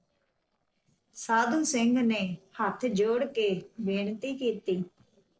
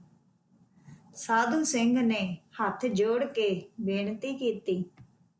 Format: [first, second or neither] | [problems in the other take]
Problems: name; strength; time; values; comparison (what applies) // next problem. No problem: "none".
second | noise reduction (neural separator model SepFormer DNS4)